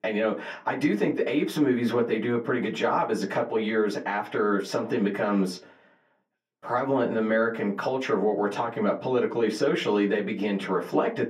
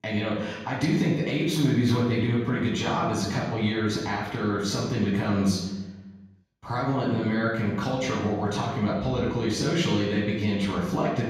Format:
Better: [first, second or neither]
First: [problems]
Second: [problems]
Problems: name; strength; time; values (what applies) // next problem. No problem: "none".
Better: first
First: room echo; slight; dies away in 0.4 s // off-mic speech; far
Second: room echo; strong; dies away in 1.3 s // off-mic speech; far